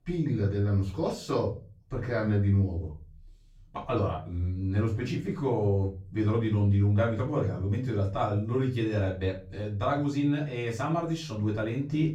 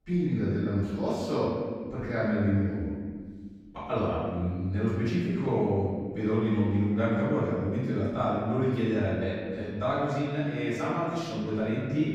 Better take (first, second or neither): first